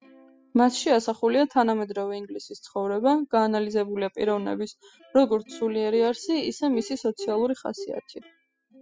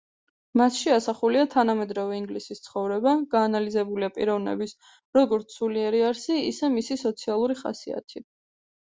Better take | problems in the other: second | noise reduction (classical method spectral subtraction)

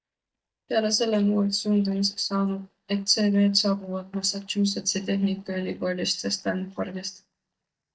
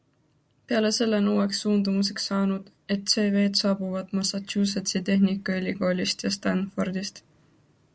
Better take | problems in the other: second | noise reduction (neural mask model DeepFilterNet 3)

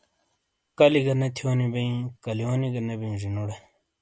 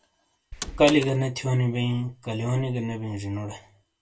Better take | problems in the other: first | background sound (Door); 10 dB below the speech // room echo; dies away in 0.2 s

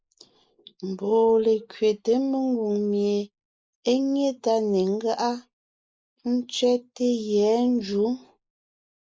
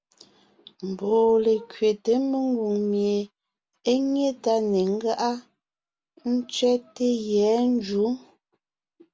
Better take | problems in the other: second | noise reduction (neural mask model Resemble Enhance denoiser)

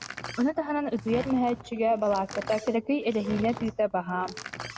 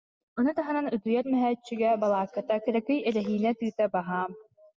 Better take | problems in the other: second | background sound (Door); 13 dB below the speech

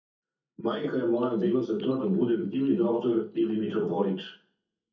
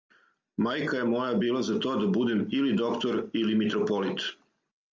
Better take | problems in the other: second | noise reduction (neural mask model DeepFilterNet 3)

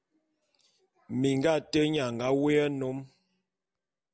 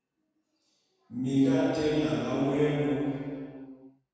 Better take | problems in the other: first | room echo; dies away in 2.1 s

